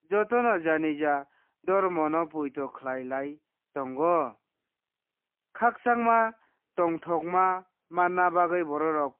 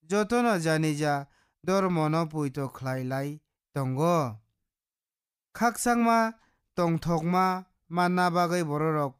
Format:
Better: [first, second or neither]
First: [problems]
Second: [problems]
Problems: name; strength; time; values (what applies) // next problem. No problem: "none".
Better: second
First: phone-call audio; poor line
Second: none